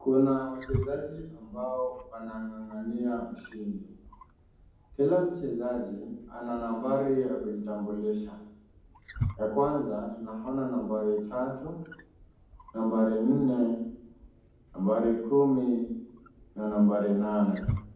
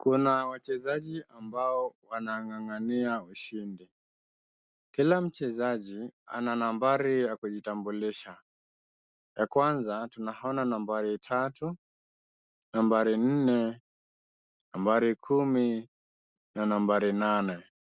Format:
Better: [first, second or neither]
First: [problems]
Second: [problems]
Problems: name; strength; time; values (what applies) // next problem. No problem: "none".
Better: second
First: background sound (Wild animals); 13 dB below the speech // room echo; dies away in 1.2 s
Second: none